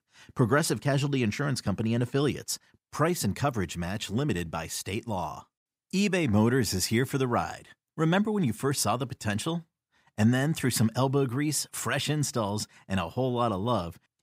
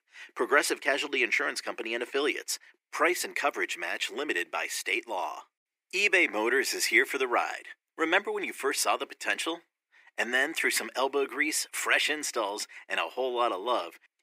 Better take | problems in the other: first | thin; very; fading below 350 Hz

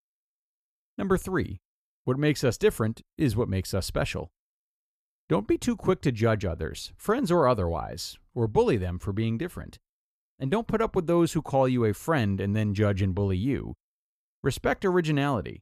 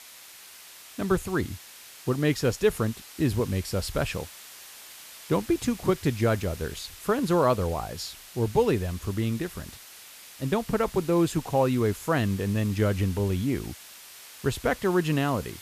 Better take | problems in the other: first | hiss; noticeable; throughout; 15 dB below the speech

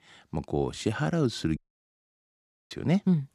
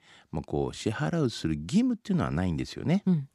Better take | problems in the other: second | audio cutting out; at 1.5 s for 1 s

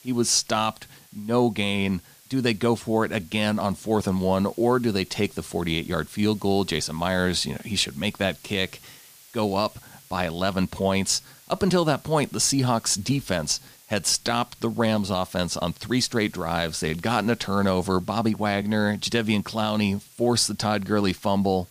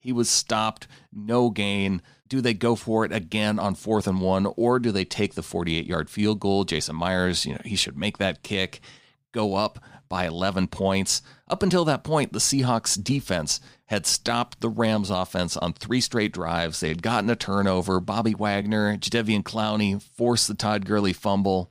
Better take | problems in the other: second | hiss; faint; throughout; 25 dB below the speech

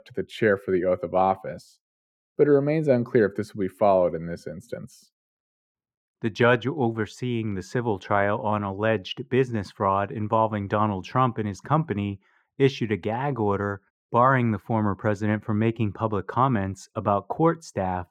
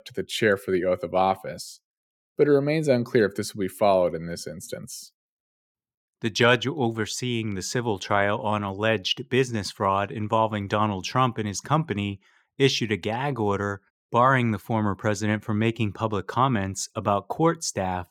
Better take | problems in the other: second | muffled; slightly; fading above 2.5 kHz

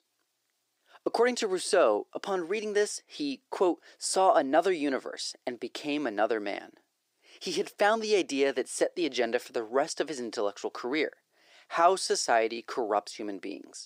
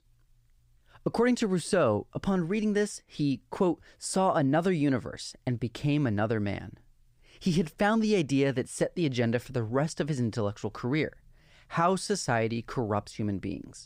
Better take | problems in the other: second | thin; somewhat; fading below 350 Hz

